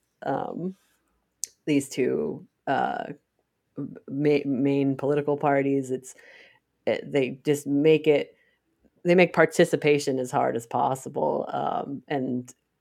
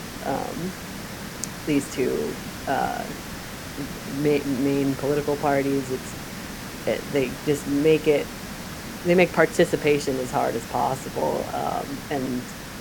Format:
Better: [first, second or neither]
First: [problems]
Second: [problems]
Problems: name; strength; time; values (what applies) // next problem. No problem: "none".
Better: first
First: none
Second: hiss; loud; throughout; 10 dB below the speech